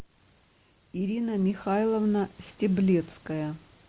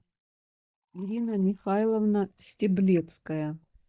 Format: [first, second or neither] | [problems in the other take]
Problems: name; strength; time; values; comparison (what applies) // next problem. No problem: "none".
first | noise reduction (neural mask model DeepFilterNet 3)